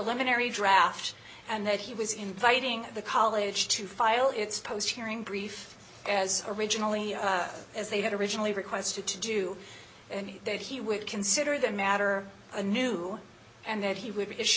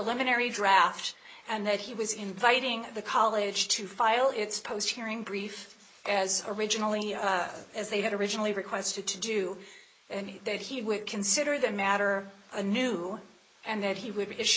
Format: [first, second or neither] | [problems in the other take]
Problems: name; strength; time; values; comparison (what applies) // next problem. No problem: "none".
first | noise reduction (neural mask model Resemble Enhance denoiser)